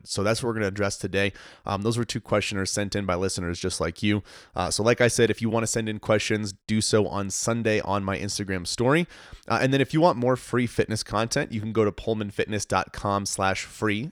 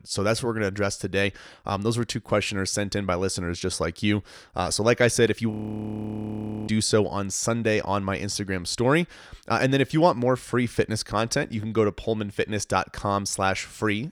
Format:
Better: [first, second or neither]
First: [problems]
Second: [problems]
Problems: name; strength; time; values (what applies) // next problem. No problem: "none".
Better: first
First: none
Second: audio freezing; at 5.5 s for 1 s